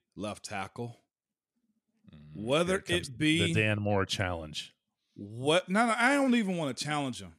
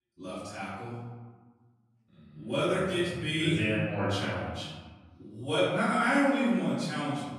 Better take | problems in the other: first | room echo; strong; dies away in 1.3 s // off-mic speech; far

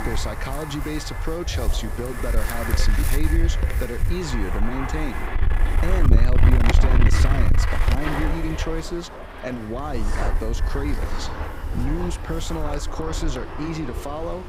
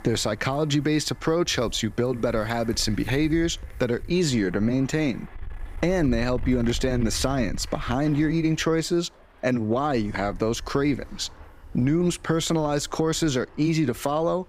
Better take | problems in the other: second | wind noise on the microphone; heavy; as loud as the speech; occasional gusts in the second

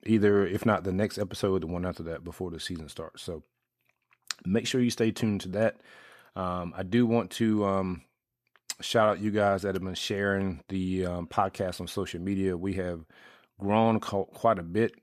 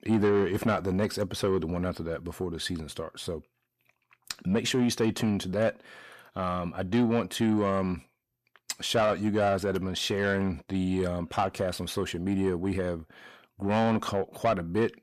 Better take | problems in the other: first | distortion; slight; 10 dB below the speech

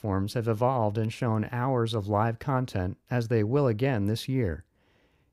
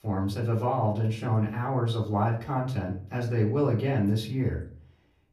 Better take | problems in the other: first | off-mic speech; far // room echo; slight; dies away in 0.3 s

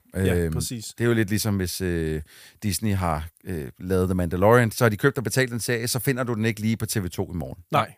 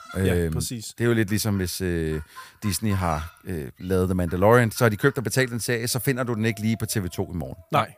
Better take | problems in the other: first | animal sounds; faint; throughout; 20 dB below the speech

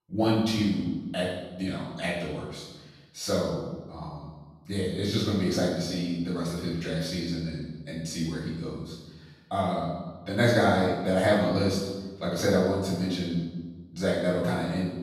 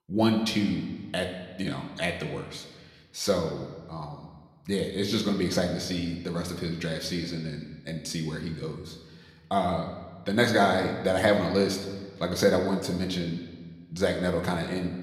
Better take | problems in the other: second | room echo; strong; dies away in 1 s; slight in the second // off-mic speech; far

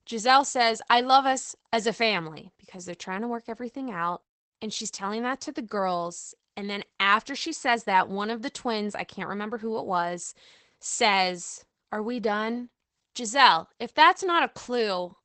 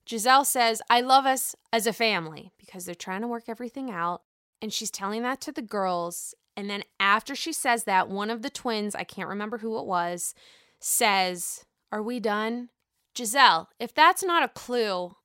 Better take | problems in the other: second | garbled, watery; badly; nothing above 8 kHz

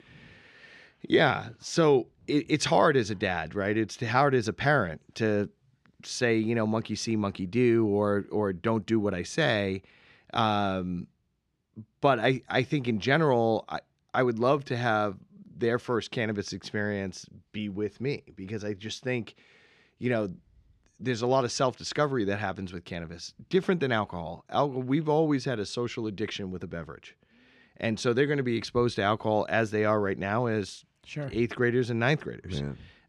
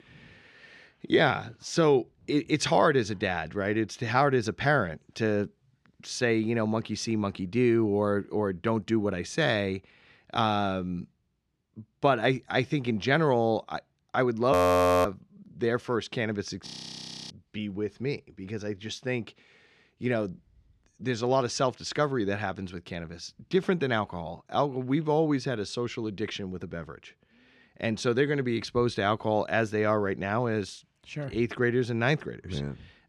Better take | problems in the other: first | audio freezing; at 15 s for 0.5 s and at 17 s for 0.5 s

